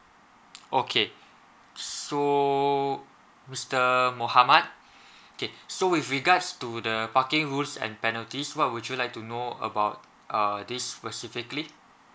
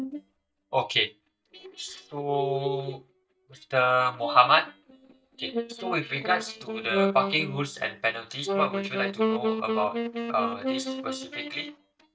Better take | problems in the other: first | noise reduction (neural mask model DeepFilterNet 3)

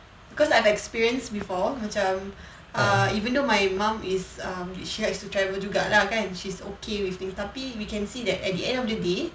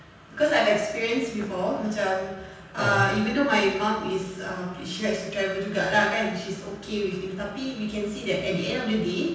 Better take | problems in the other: first | room echo; dies away in 0.9 s

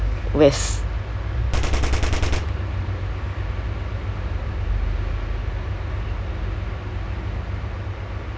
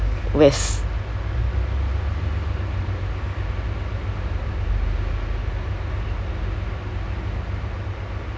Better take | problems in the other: second | background sound (Gunshot, gunfire); 1 dB below the speech

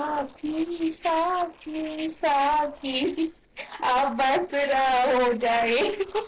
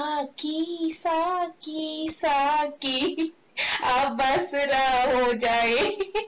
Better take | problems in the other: second | noise reduction (neural separator model SepFormer DNS4)

